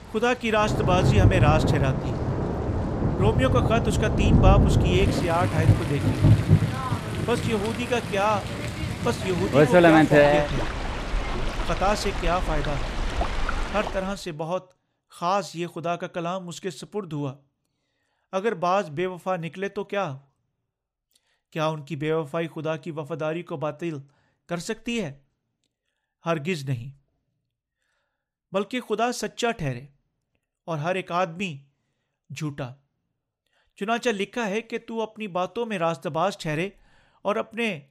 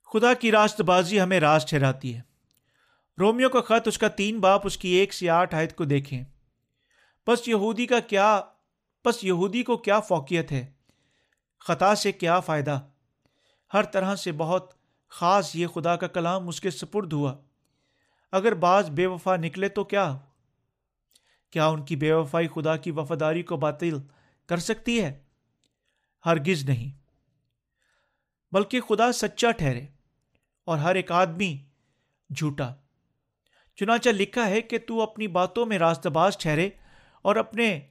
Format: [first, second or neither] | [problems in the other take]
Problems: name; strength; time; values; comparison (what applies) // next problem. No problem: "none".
second | rain or running water; very loud; until 14 s; 4 dB above the speech